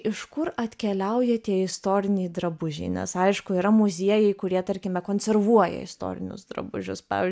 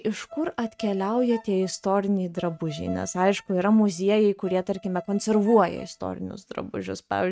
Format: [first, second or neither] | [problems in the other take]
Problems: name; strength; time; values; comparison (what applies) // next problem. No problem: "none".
first | noise reduction (neural mask model RNNoise)